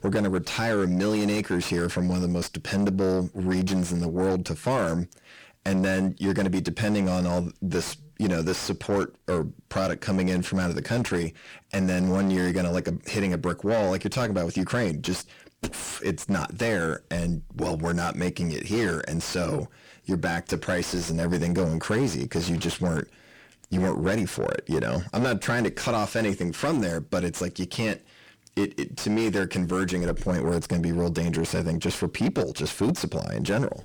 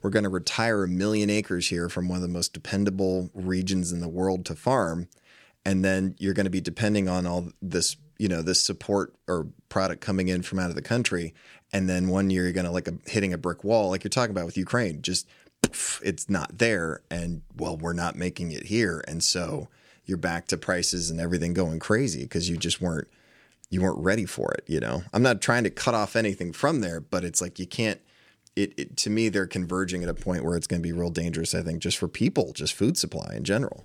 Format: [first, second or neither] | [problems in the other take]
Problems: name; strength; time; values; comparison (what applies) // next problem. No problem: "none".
second | distortion; heavy; 6 dB below the speech